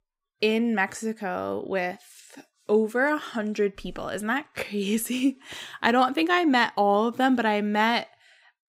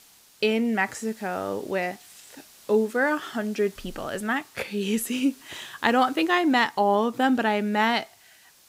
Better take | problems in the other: first | hiss; faint; throughout; 25 dB below the speech

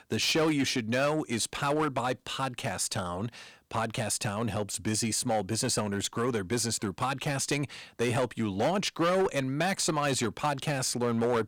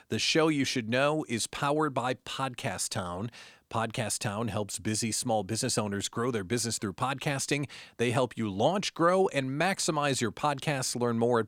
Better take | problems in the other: second | distortion; slight; 6% of the sound clipped

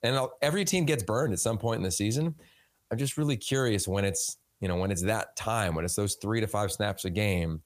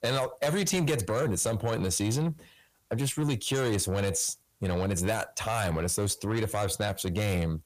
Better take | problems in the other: first | distortion; slight; 10 dB below the speech

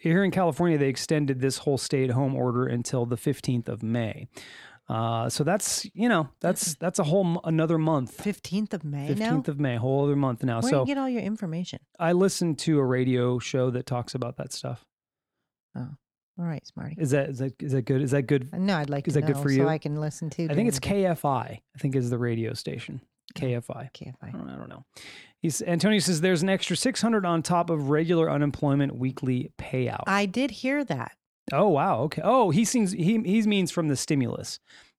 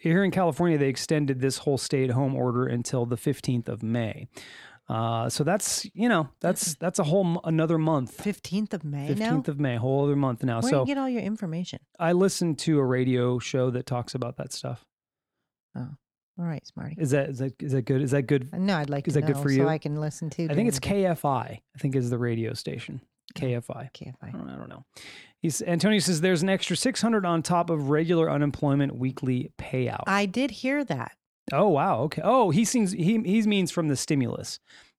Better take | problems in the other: neither | none

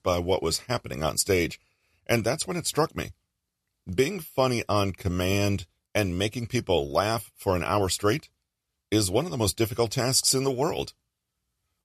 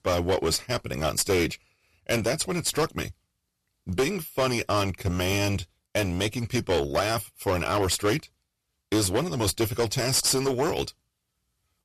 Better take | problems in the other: first | distortion; heavy; 10% of the sound clipped

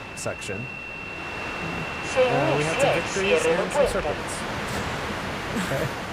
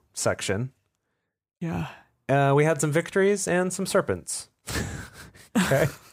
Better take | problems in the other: second | train or aircraft noise; very loud; throughout; 5 dB above the speech

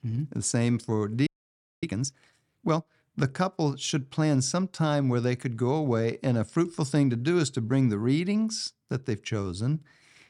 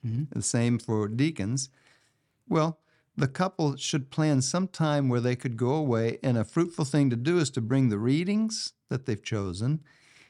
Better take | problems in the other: second | audio freezing; at 1.5 s for 0.5 s

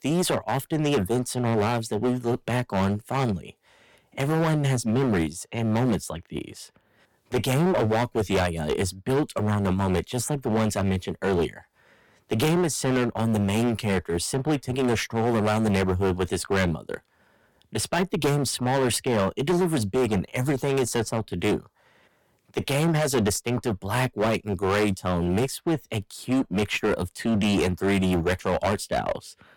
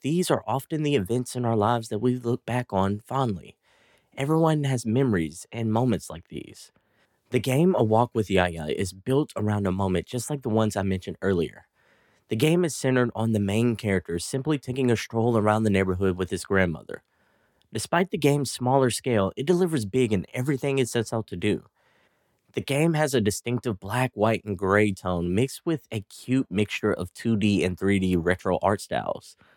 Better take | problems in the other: second | distortion; heavy; 13% of the sound clipped

